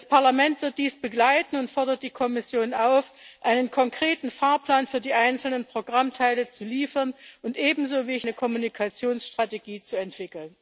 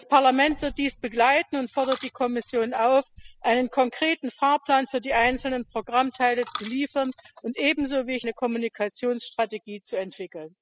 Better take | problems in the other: first | noise reduction (classical method spectral subtraction)

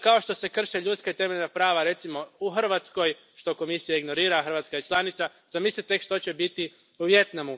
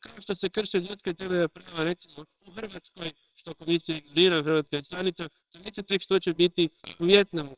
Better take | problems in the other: first | noise reduction (neural separator model SepFormer WHAMR!)

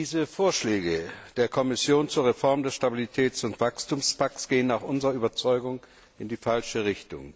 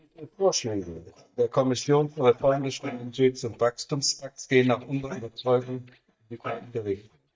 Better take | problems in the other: first | noise reduction (neural mask model DeepFilterNet 3)

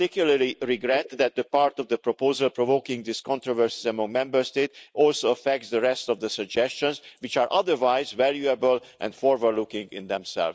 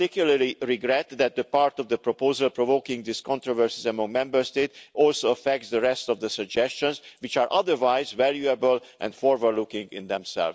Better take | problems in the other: second | noise reduction (neural mask model Resemble Enhance denoiser)

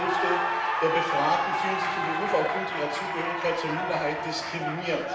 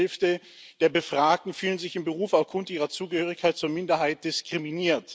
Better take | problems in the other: second | background sound (Cheering); 1 dB above the speech // room echo; dies away in 0.8 s

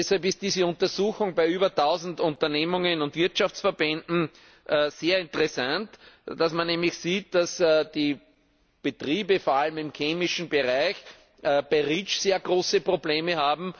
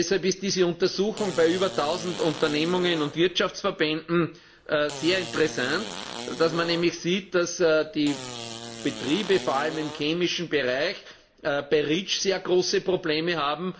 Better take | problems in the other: first | background sound (Fart); 12 dB below the speech // room echo; dies away in 0.4 s

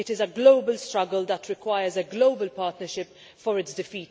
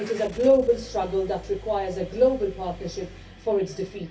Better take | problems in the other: first | background sound (Engine starting / Car); 17 dB below the speech // room echo; dies away in 0.3 s

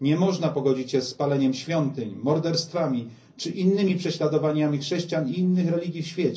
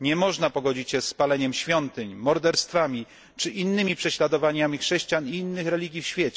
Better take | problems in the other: second | room echo; dies away in 0.5 s

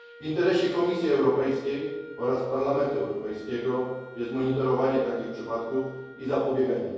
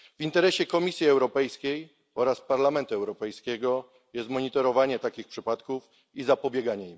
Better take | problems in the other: second | background sound (Wind instrument, woodwind instrument); 19 dB below the speech // room echo; dies away in 1.3 s

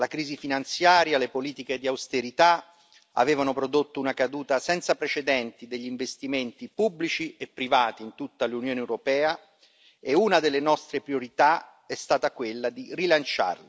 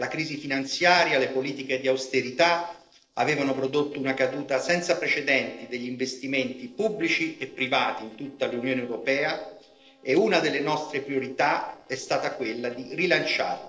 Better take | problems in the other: first | noise reduction (neural separator model SepFormer DNS4)

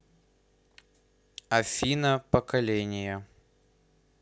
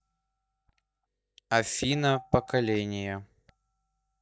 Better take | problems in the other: first | noise reduction (neural mask model DeepFilterNet 3)

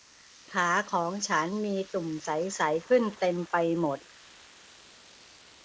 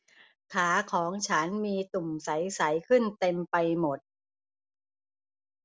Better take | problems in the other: second | noise reduction (neural mask model Resemble Enhance denoiser)

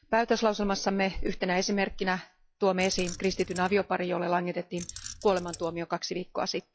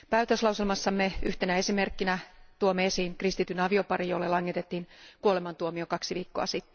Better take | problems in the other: second | noise reduction (classical method log-MMSE)

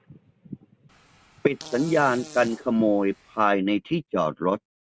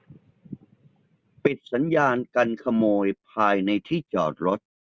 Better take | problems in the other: second | background sound (Fart); 20 dB below the speech

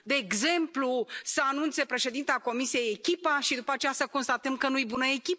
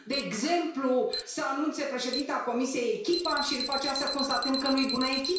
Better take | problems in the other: first | background sound (Alarm); 7 dB below the speech // room echo; dies away in 0.6 s

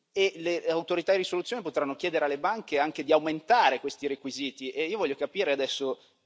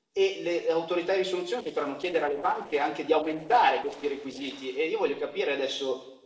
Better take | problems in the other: first | noise reduction (neural separator model SepFormer DNS4)

